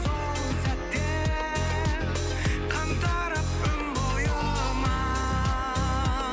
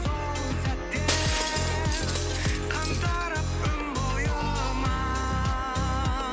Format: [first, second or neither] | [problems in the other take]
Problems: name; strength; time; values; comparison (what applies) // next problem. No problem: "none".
first | background sound (Shatter); 9 dB below the speech